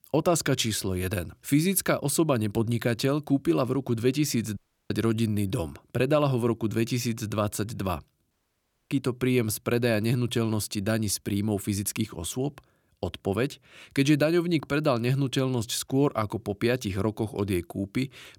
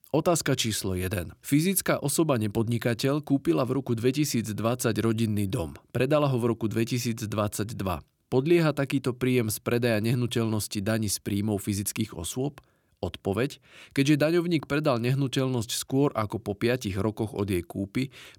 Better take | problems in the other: second | audio cutting out; at 4.5 s and at 8.5 s for 0.5 s

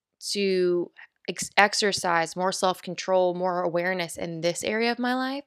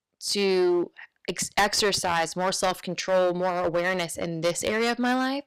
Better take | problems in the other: first | distortion; heavy; 8% of the sound clipped

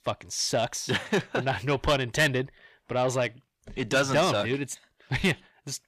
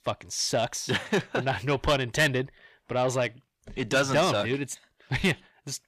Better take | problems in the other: neither | distortion; heavy; 8 dB below the speech; the same in both

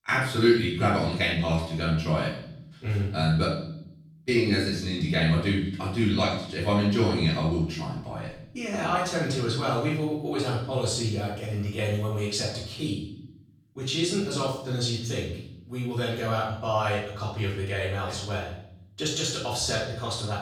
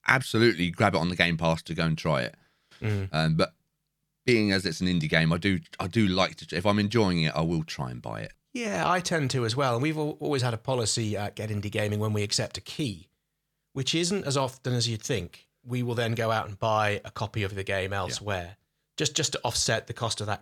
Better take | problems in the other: second | off-mic speech; far // room echo; noticeable; dies away in 0.7 s

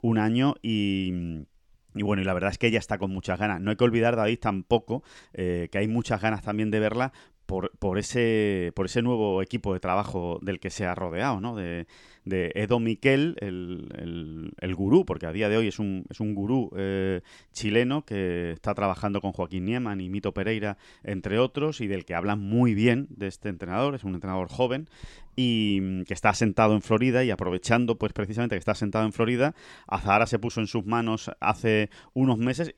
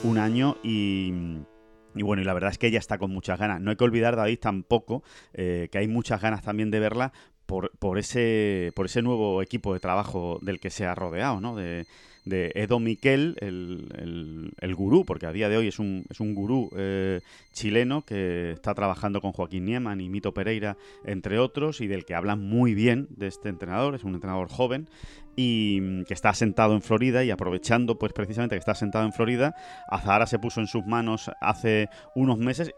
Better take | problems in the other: first | background music; faint; throughout; 25 dB below the speech

